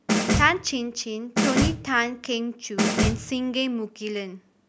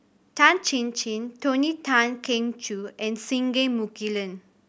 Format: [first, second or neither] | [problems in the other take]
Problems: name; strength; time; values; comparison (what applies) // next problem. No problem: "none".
second | background sound (Snare drum); 1 dB above the speech